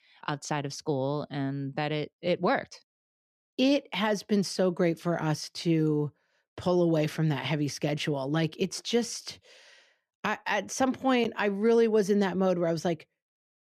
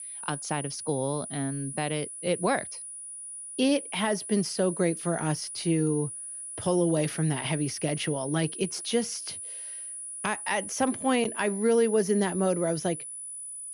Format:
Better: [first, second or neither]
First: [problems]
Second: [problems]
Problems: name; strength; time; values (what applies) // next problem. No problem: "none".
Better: first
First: none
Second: high-pitched whine; loud; throughout; 10 kHz, 8 dB below the speech